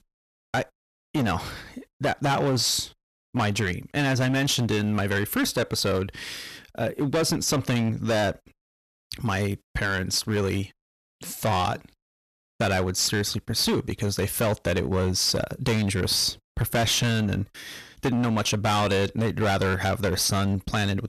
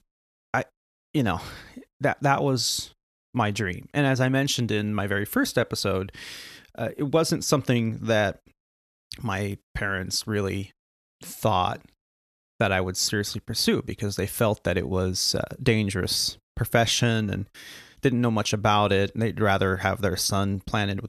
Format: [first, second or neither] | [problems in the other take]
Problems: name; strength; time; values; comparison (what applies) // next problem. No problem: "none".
second | distortion; heavy; 13% of the sound clipped